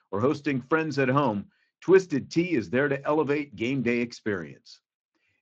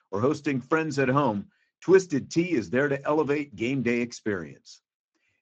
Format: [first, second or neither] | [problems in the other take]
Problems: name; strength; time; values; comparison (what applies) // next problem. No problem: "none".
first | garbled, watery; badly; nothing above 7.5 kHz; slightly in the first